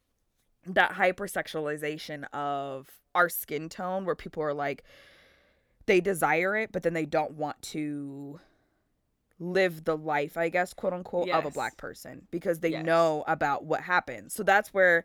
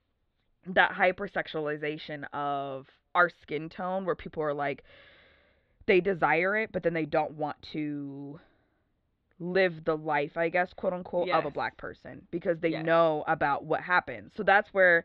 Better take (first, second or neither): first